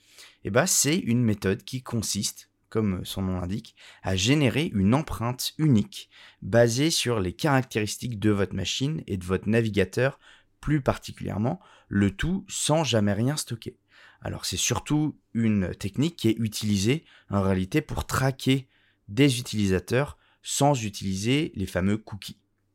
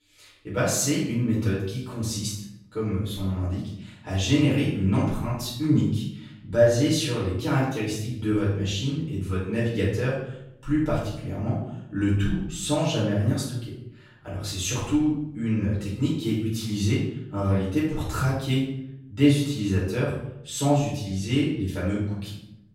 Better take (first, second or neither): first